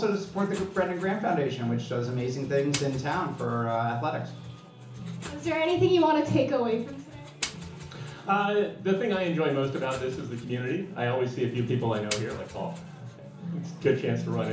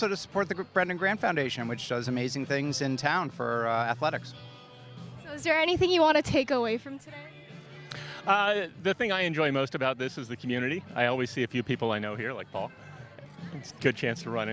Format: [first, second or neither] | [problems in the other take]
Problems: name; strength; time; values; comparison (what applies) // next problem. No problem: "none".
second | background sound (Engine); 18 dB below the speech // room echo; dies away in 0.8 s